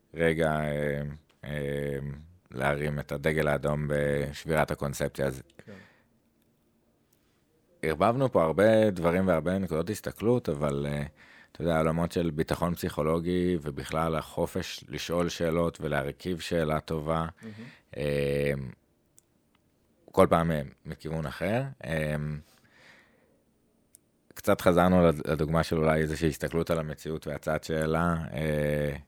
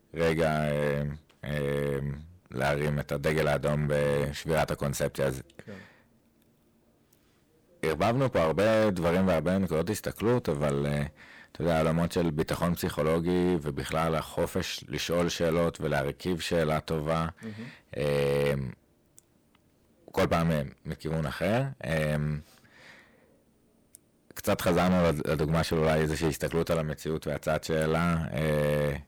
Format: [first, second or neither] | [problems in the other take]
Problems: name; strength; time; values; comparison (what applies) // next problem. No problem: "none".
first | distortion; heavy; 8% of the sound clipped